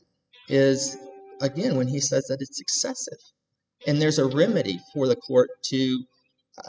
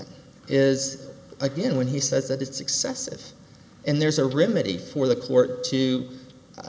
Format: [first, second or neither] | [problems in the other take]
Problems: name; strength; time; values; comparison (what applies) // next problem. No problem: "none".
second | noise reduction (classical method spectral subtraction)